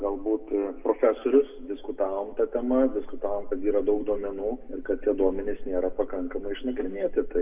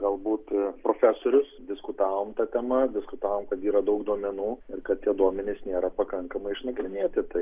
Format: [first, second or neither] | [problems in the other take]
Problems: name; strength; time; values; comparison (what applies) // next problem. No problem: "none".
second | room echo; dies away in 1.4 s